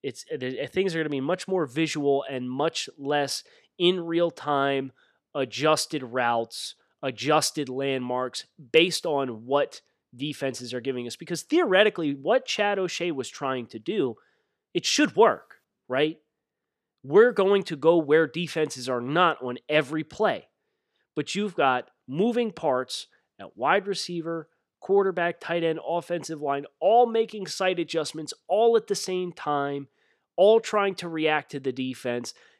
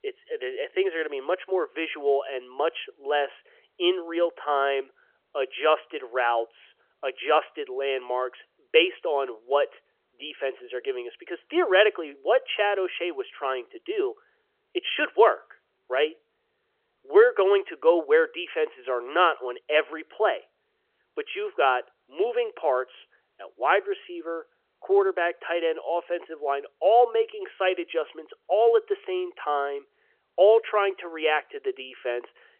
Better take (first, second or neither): first